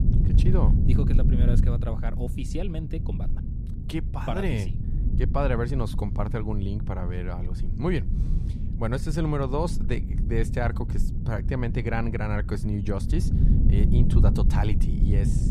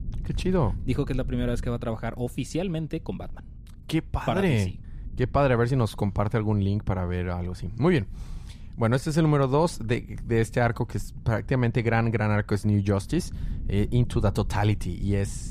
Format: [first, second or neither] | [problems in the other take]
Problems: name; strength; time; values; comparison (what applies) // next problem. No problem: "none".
second | low rumble; loud; throughout; 6 dB below the speech; faint in the second